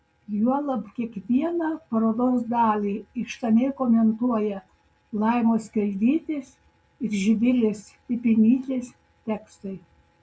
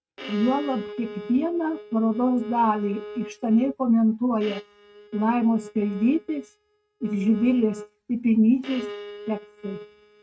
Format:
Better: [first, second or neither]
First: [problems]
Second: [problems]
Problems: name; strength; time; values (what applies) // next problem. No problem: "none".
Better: first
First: none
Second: noise reduction (neural mask model RNNoise)